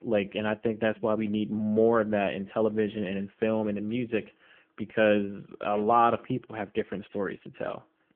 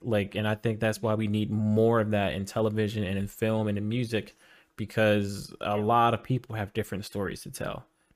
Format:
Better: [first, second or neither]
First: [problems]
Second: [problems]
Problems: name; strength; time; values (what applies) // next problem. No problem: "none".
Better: second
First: phone-call audio; nothing above 3 kHz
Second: none